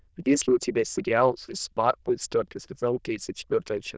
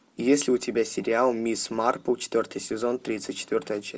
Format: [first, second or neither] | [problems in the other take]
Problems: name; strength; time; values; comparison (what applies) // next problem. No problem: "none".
second | noise reduction (neural diffusion model UNIVERSE++)